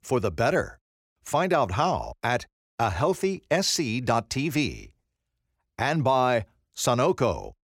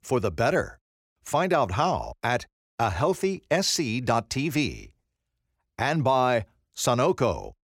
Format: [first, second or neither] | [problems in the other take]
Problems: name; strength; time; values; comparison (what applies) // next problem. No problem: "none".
neither | none